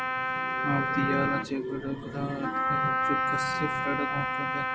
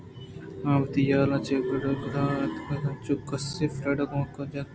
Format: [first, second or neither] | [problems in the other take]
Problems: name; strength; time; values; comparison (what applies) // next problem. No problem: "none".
second | background sound (Wind instrument, woodwind instrument); 3 dB above the speech // room echo; dies away in 1.1 s